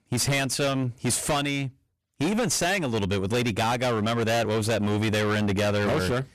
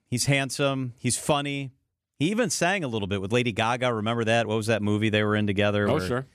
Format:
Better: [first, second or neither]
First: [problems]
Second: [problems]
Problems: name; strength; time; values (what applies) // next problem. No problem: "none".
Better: second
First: distortion; heavy; 30% of the sound clipped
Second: none